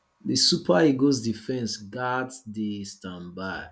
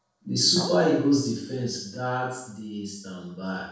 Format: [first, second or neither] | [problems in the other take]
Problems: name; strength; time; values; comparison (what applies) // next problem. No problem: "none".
first | noise reduction (neural separator model SepFormer DNS4)